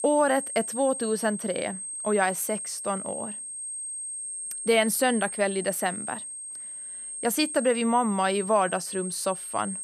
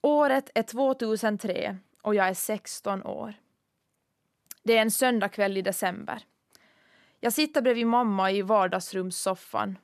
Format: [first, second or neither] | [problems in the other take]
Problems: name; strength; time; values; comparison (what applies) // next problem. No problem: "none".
second | high-pitched whine; loud; throughout; 8.5 kHz, 6 dB below the speech